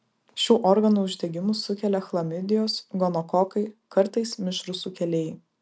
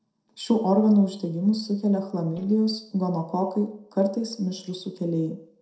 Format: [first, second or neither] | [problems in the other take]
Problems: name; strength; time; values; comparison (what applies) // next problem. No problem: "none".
first | noise reduction (neural separator model SepFormer DNS4)